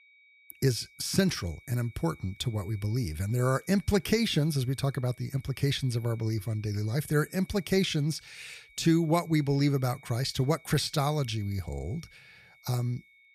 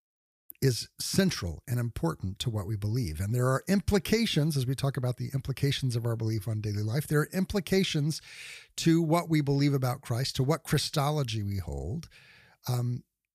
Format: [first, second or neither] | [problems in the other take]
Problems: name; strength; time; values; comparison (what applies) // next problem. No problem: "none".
second | high-pitched whine; faint; throughout; 2.5 kHz, 25 dB below the speech